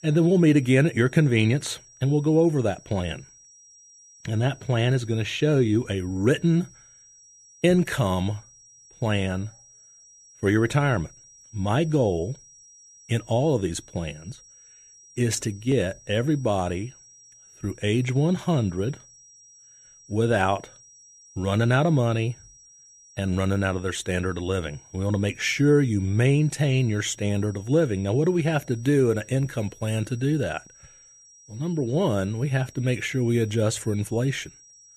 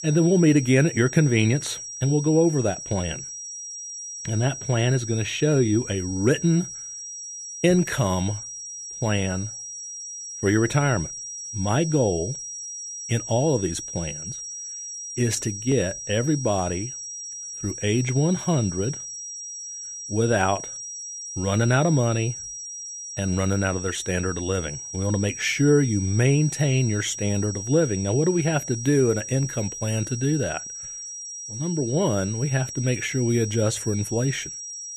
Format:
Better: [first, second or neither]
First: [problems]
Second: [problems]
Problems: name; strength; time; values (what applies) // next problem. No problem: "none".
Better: first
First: high-pitched whine; faint; throughout; 5.5 kHz, 25 dB below the speech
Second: high-pitched whine; loud; throughout; 5.5 kHz, 9 dB below the speech